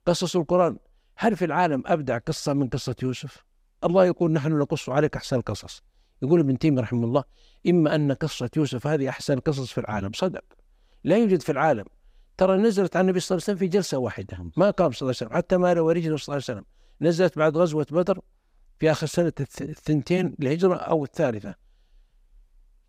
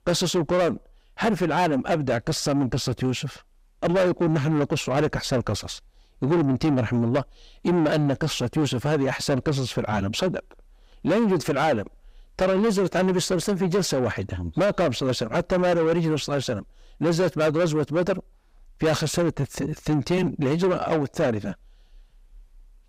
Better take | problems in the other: first | distortion; heavy; 8 dB below the speech

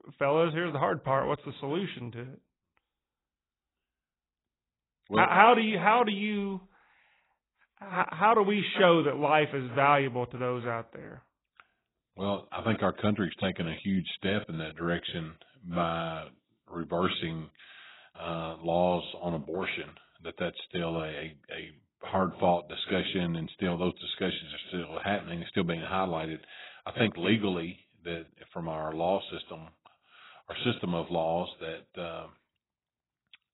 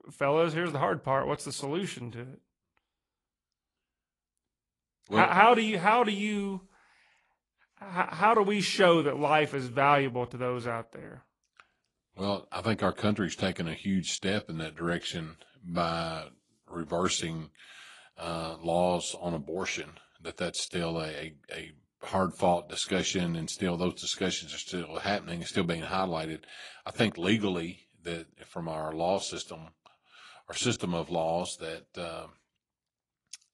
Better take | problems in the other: second | garbled, watery; badly; nothing above 4 kHz; slightly in the second

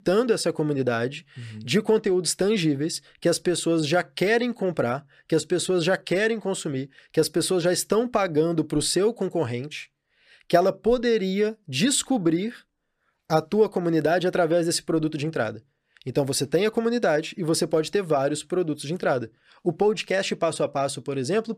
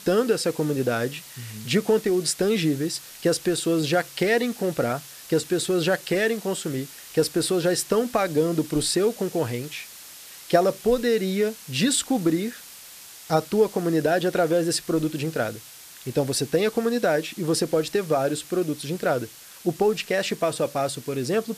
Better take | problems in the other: first | hiss; noticeable; throughout; 15 dB below the speech

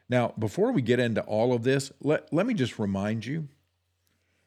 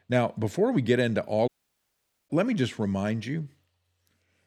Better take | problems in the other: first | audio cutting out; at 1.5 s for 1 s

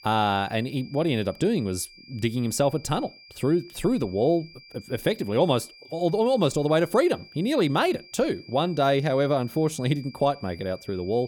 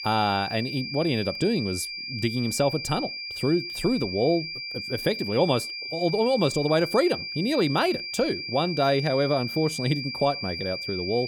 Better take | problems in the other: first | high-pitched whine; loud; throughout; 5 kHz, 6 dB below the speech; faint in the first

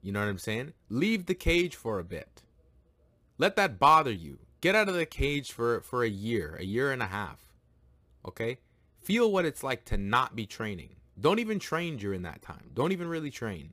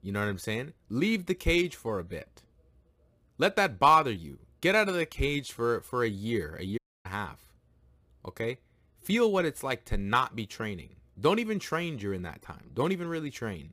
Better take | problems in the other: first | audio cutting out; at 7 s

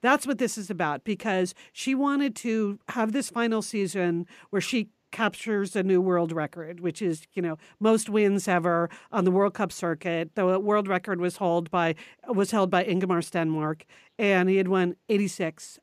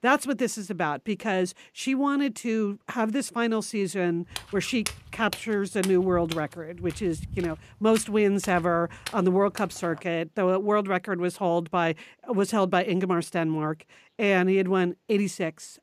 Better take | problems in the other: first | footsteps; noticeable; from 4.5 to 10 s; peak 8 dB below the speech

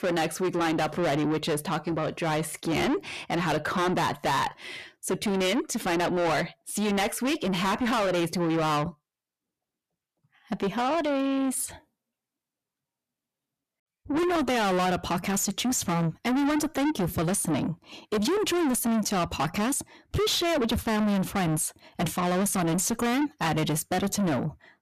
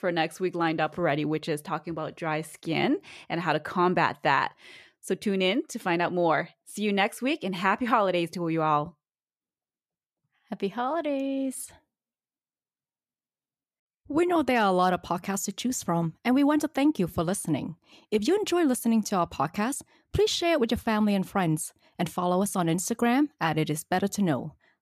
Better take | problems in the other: second | distortion; heavy; 6 dB below the speech

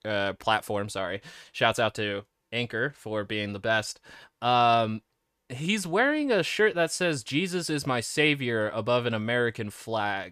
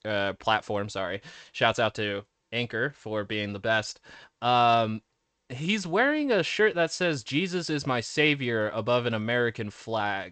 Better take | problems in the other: first | garbled, watery; slightly; nothing above 8 kHz

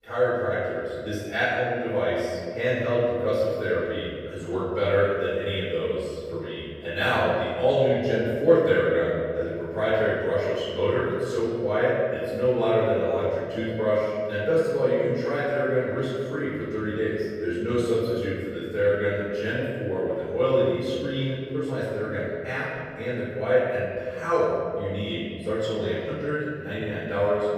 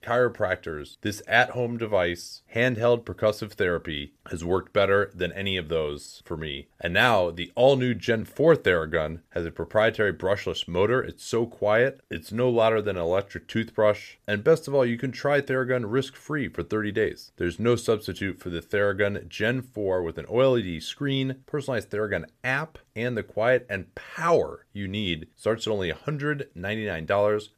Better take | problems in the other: second | off-mic speech; far // room echo; strong; dies away in 2.1 s

